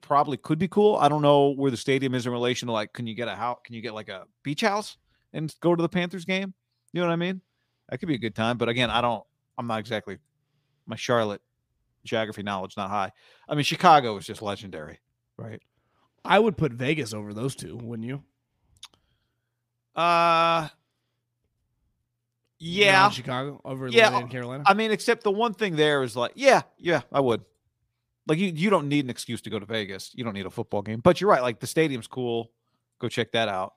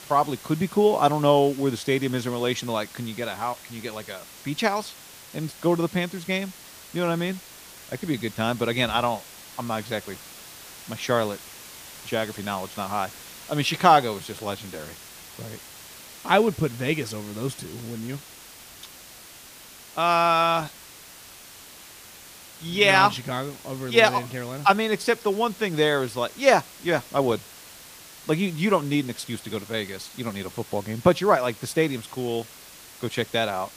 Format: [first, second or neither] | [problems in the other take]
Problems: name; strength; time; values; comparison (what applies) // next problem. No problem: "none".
first | hiss; noticeable; throughout; 20 dB below the speech